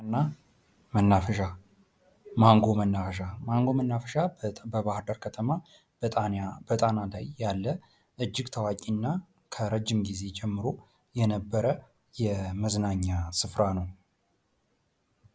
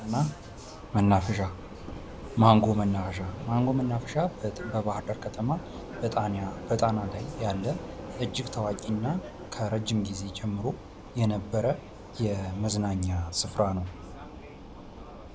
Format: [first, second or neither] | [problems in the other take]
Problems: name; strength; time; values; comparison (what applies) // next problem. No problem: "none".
first | background sound (Vehicle); 12 dB below the speech